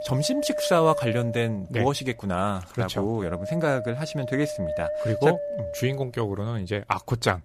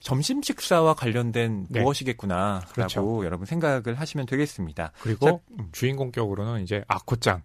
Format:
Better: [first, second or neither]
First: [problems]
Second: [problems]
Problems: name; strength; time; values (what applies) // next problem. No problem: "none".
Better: second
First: wind noise on the microphone; heavy; 4 dB below the speech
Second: none